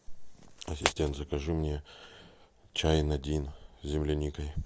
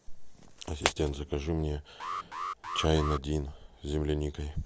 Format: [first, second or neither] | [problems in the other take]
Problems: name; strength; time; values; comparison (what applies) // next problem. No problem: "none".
first | background sound (Alarm); 6 dB below the speech